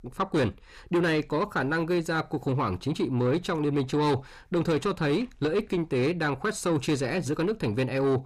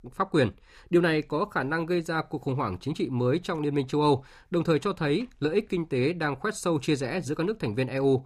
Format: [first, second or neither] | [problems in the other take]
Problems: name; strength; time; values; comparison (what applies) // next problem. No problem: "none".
second | distortion; slight; 10 dB below the speech